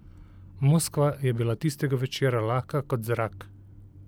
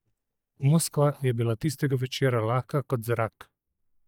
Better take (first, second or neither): first